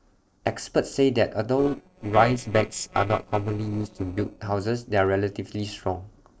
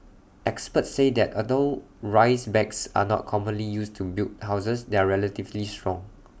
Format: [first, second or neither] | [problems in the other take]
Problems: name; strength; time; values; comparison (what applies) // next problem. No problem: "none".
second | noise reduction (neural separator model SepFormer DNS4)